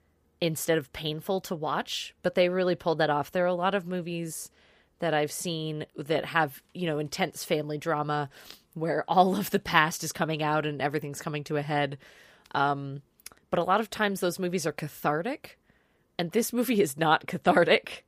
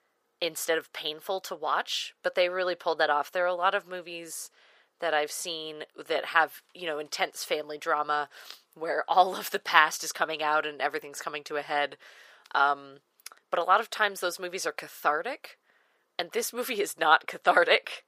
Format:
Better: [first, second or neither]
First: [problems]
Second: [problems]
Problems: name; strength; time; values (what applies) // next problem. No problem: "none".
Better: first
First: none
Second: thin; very; fading below 550 Hz